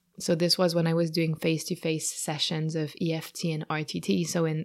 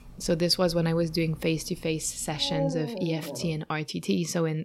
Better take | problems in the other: first | animal sounds; loud; throughout; 9 dB below the speech

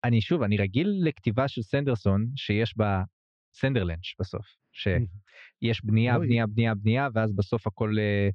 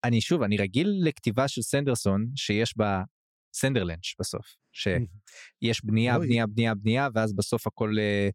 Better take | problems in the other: second | muffled; slightly; fading above 3.5 kHz

